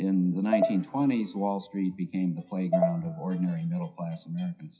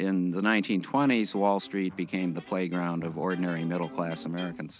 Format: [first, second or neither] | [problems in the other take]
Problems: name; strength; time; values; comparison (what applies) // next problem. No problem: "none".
second | noise reduction (classical method WPE with log-MMSE)